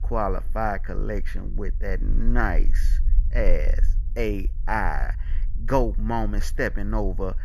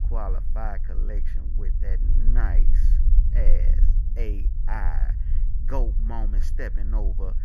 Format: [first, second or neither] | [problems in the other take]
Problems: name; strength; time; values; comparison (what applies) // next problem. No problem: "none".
first | low rumble; loud; throughout; 9 dB below the speech; faint in the first